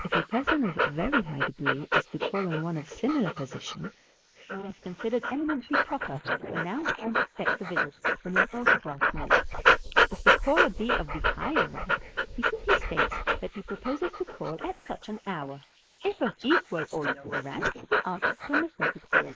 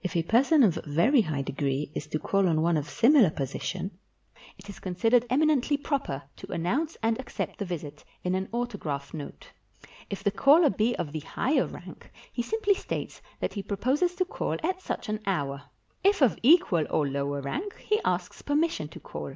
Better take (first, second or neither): second